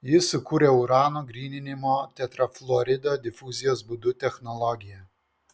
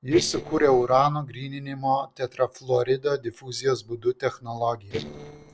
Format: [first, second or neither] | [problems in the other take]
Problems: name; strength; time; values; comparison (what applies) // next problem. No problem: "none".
first | noise reduction (neural separator model SepFormer DNS4)